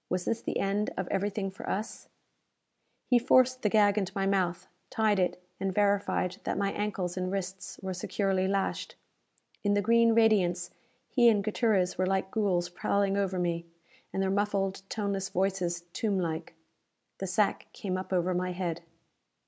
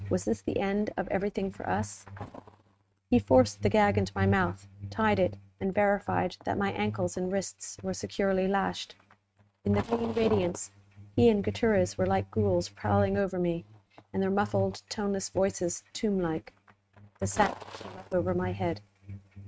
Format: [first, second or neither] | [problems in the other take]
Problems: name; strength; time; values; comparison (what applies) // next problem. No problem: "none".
first | noise reduction (neural mask model RNNoise)